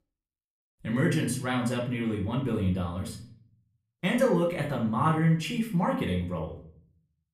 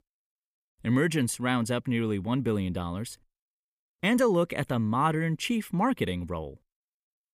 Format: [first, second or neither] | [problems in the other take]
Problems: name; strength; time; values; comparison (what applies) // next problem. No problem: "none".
second | room echo; slight; dies away in 0.4 s // off-mic speech; far